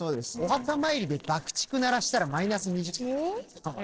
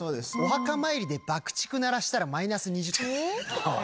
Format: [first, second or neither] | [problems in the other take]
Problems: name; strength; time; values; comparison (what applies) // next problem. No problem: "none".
second | noise reduction (neural separator model SepFormer DNS4)